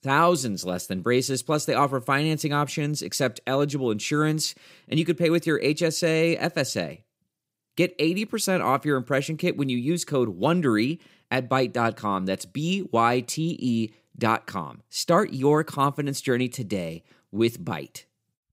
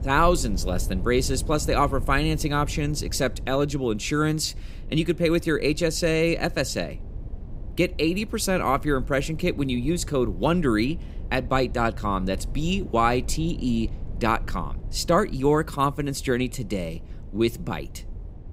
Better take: first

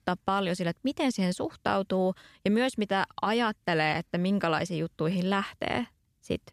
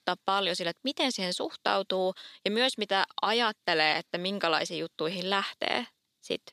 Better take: first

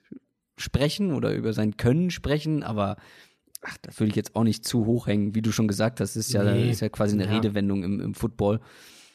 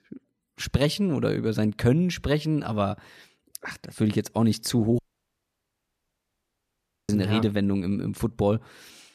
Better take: first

